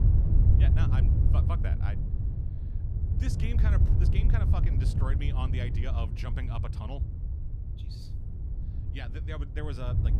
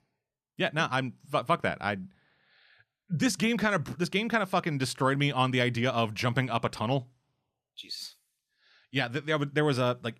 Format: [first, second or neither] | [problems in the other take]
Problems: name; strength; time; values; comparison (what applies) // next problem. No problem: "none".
second | wind noise on the microphone; heavy; 2 dB below the speech